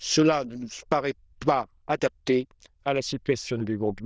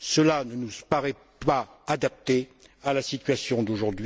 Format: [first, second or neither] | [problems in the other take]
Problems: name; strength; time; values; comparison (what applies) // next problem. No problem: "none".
second | noise reduction (neural diffusion model UNIVERSE++)